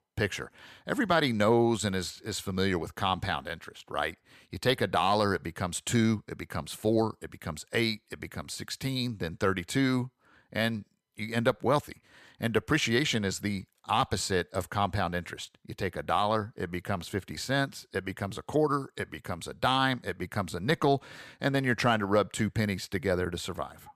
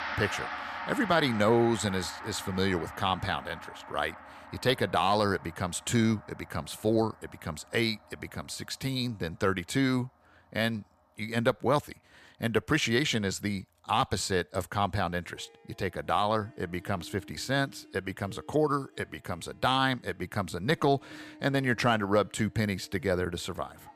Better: first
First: none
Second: background music; noticeable; throughout; 15 dB below the speech

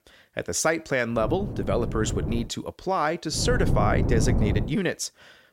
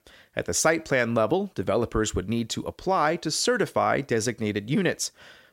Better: second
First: wind noise on the microphone; heavy; from 1 to 2.5 s and from 3.5 to 4.5 s; 9 dB below the speech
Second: none

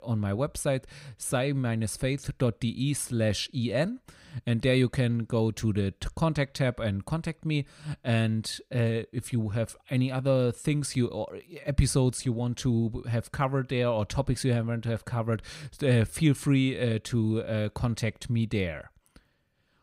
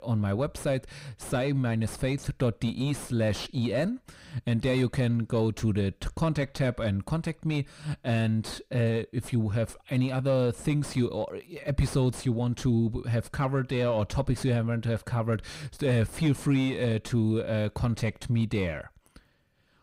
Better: first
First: none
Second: distortion; slight; 9 dB below the speech

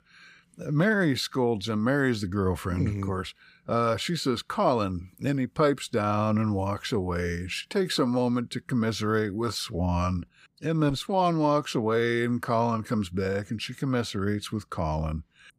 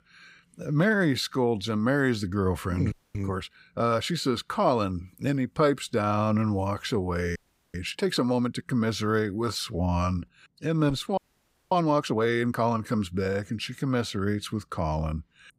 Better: first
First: none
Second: audio freezing; at 3 s, at 7.5 s and at 11 s for 0.5 s

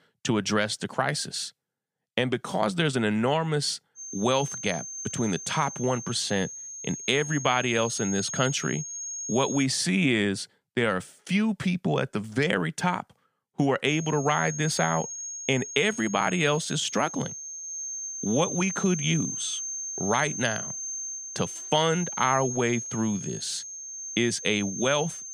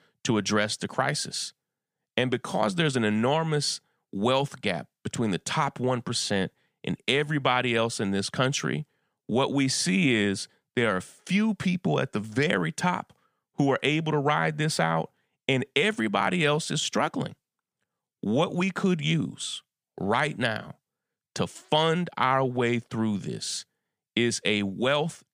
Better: second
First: high-pitched whine; loud; from 4 to 9.5 s and from 14 s on; 6.5 kHz, 7 dB below the speech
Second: none

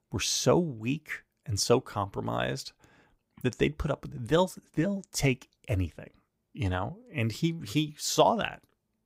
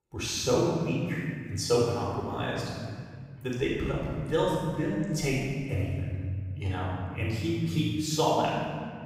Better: first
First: none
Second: off-mic speech; far // room echo; strong; dies away in 2 s

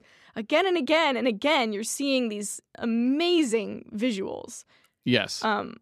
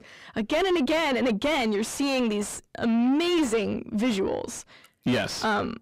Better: first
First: none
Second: distortion; heavy; 5 dB below the speech

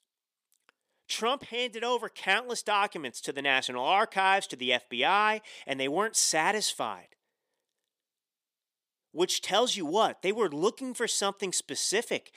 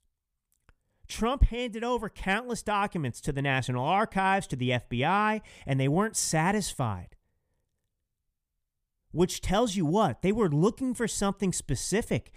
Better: second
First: thin; somewhat; fading below 350 Hz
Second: none

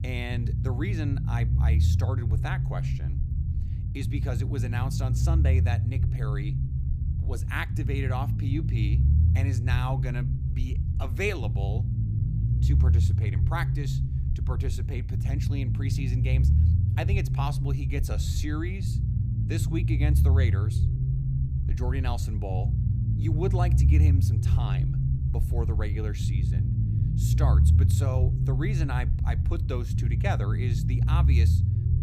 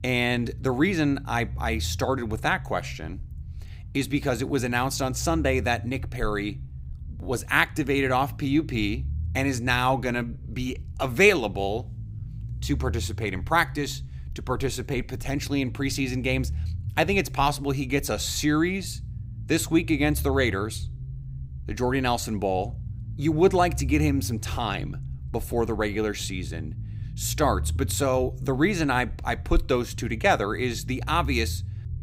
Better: second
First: low rumble; loud; throughout; 3 dB below the speech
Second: low rumble; faint; throughout; 25 dB below the speech

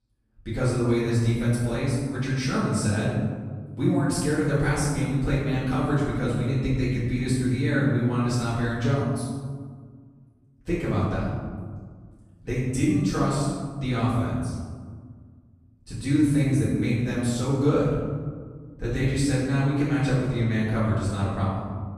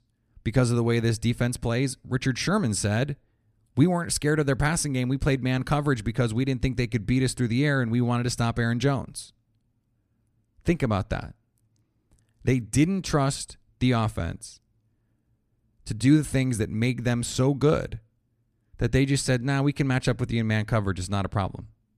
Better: second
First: off-mic speech; far // room echo; strong; dies away in 1.6 s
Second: none

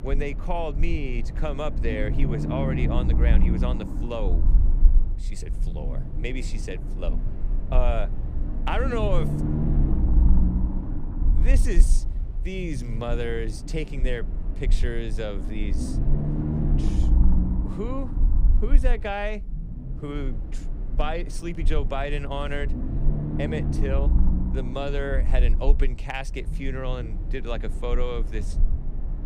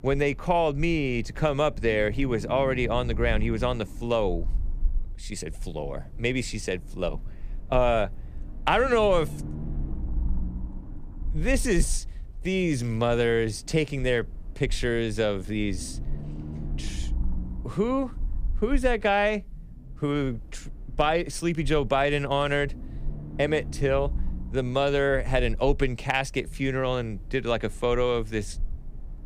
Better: second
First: low rumble; loud; throughout; 7 dB below the speech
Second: low rumble; faint; throughout; 25 dB below the speech

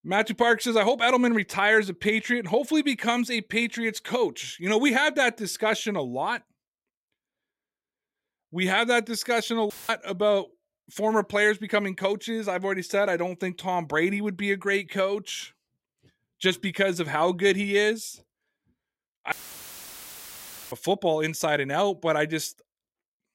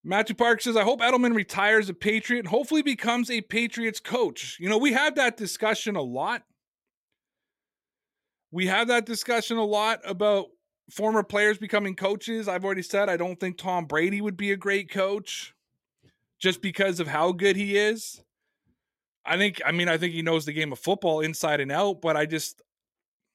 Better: second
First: audio cutting out; filled with static; at 9.5 s and at 19 s for 1.5 s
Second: none

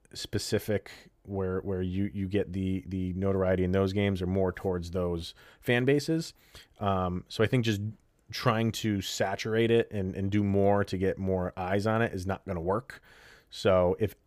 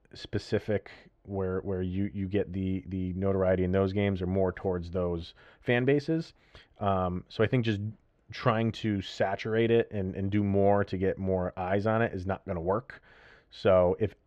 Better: first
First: none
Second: muffled; slightly; fading above 3 kHz

